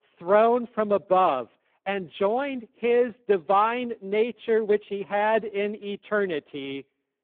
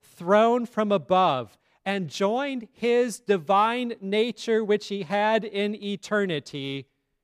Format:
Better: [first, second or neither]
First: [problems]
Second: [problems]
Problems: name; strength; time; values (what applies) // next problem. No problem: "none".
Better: second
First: phone-call audio; poor line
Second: none